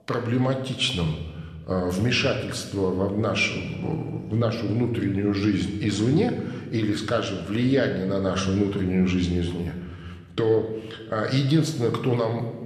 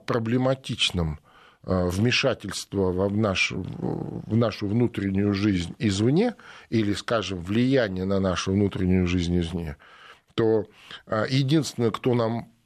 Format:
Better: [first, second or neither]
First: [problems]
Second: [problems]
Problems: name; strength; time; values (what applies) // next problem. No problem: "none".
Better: second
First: room echo; slight; dies away in 1 s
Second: none